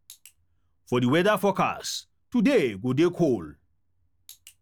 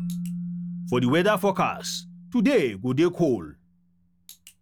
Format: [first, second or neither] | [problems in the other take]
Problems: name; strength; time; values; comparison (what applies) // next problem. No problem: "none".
first | background sound (Keyboard (musical)); 11 dB below the speech